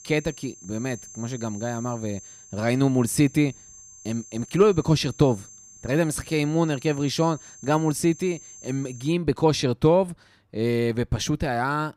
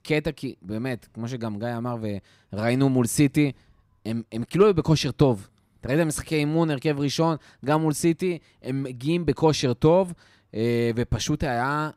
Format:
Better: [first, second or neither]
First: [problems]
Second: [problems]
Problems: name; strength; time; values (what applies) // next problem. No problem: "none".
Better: second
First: high-pitched whine; noticeable; until 9 s; 6.5 kHz, 20 dB below the speech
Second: none